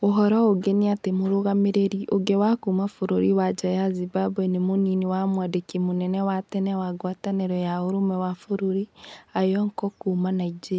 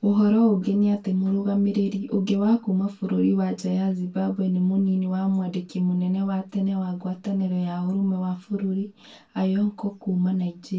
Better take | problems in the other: first | room echo; dies away in 0.2 s

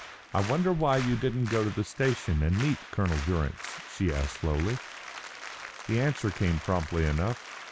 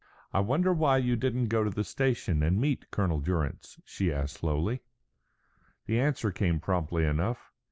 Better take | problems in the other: second | background sound (Applause); 13 dB below the speech

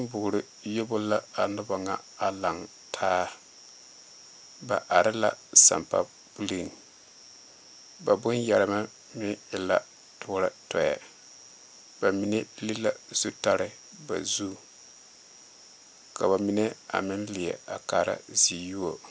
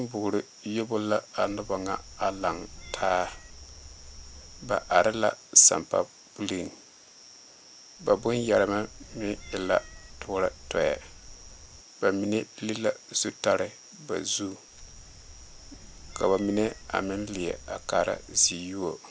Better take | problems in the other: first | background sound (Cat); 18 dB below the speech

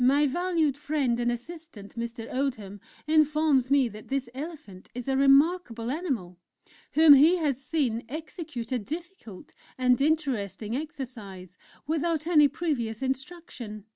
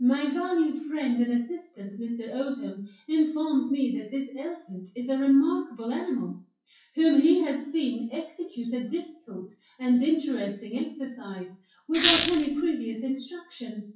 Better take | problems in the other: first | noise reduction (classical method WPE with log-MMSE)

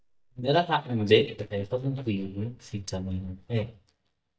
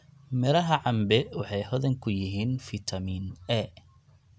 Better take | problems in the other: second | noise reduction (neural mask model DeepFilterNet 3)

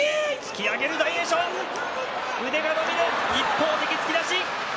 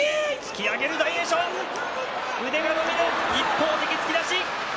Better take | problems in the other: first | background sound (Acoustic guitar); 16 dB below the speech

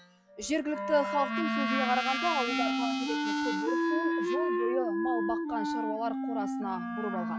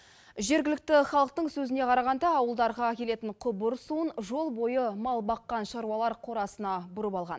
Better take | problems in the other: second | noise reduction (classical method log-MMSE)

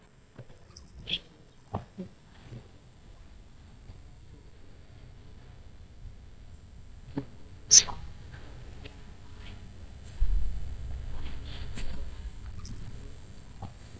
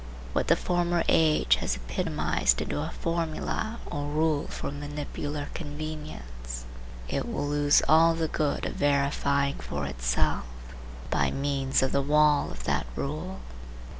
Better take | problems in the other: second | noise reduction (neural mask model DeepFilterNet 3)

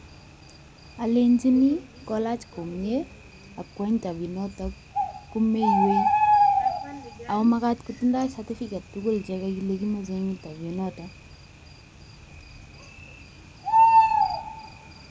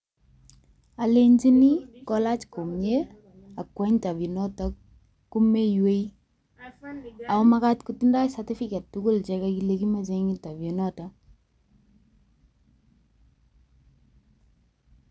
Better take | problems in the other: second | background sound (Bird); as loud as the speech

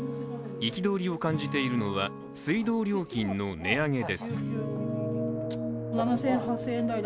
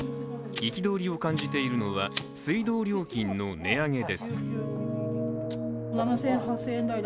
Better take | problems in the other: first | background sound (Fire); 19 dB below the speech

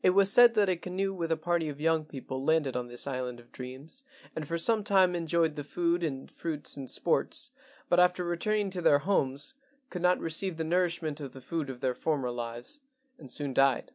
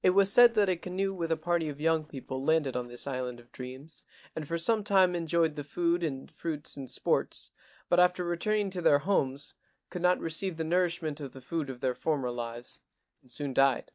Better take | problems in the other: first | noise reduction (neural mask model DeepFilterNet 3)

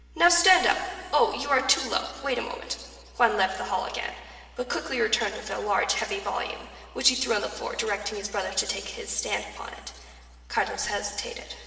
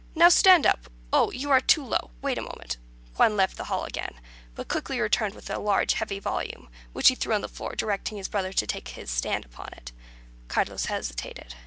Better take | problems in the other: second | room echo; dies away in 2 s

